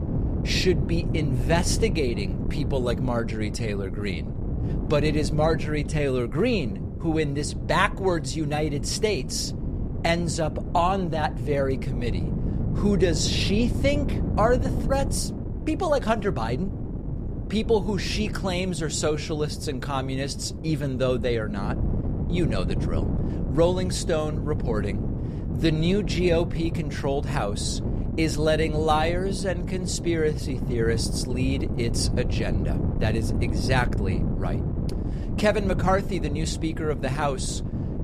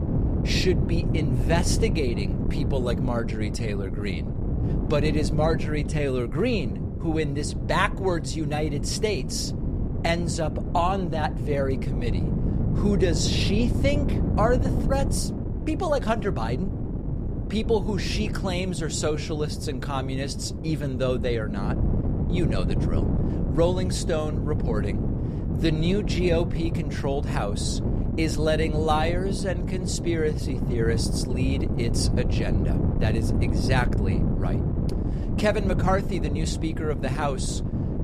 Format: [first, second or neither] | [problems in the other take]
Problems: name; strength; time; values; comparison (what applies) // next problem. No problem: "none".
first | wind noise on the microphone; heavy; 7 dB below the speech; occasional gusts in the first